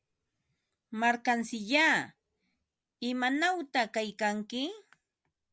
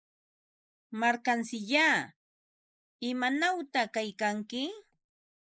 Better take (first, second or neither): first